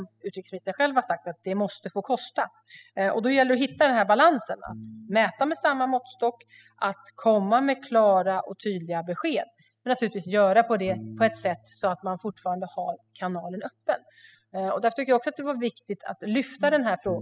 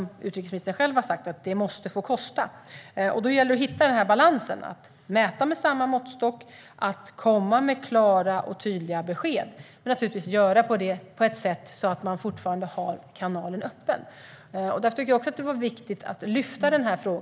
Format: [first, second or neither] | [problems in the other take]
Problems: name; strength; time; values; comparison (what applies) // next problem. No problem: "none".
second | noise reduction (classical method spectral subtraction)